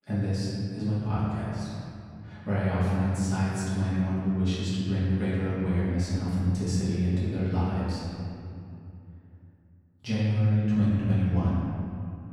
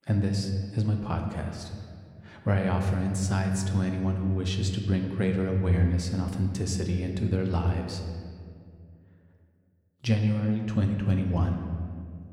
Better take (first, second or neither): second